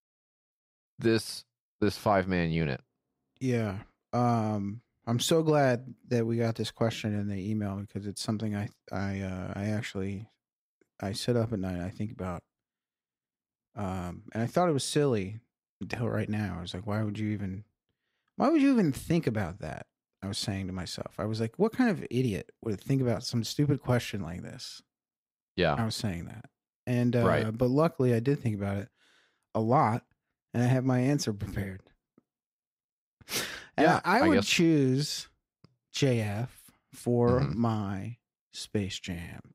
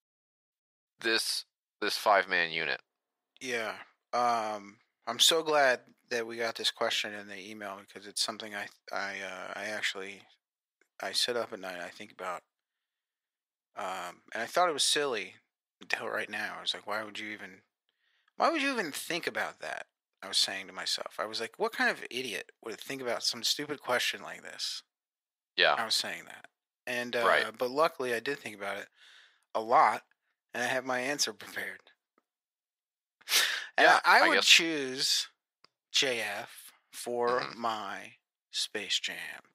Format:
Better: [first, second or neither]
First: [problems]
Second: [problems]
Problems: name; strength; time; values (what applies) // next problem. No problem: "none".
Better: first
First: none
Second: thin; very; fading below 750 Hz